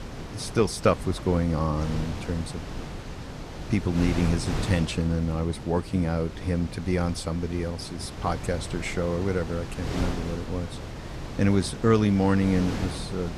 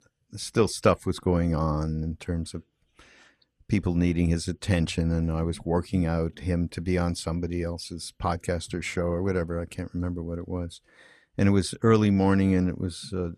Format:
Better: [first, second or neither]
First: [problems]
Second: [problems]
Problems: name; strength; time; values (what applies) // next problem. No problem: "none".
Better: second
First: wind noise on the microphone; heavy; 9 dB below the speech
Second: none